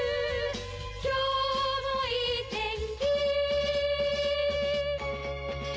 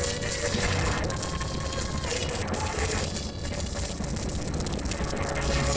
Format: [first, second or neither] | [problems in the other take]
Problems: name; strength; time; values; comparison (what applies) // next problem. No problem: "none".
first | noise reduction (neural separator model SepFormer DNS4)